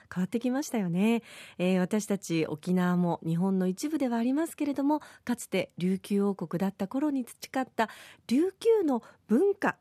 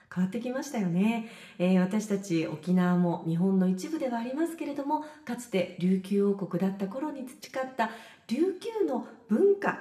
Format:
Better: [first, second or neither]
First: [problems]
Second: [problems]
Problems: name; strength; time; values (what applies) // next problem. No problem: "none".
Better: first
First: none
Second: room echo; very slight; dies away in 0.6 s